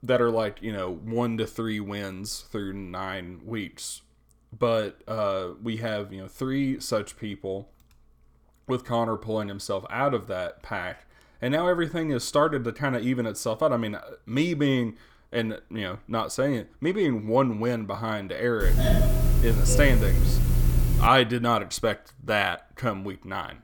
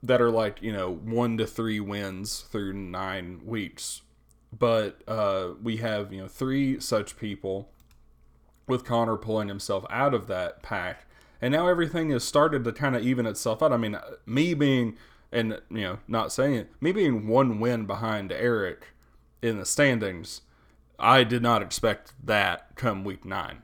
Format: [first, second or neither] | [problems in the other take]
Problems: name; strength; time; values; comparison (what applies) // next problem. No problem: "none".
second | doorbell; loud; from 19 to 21 s; peak 4 dB above the speech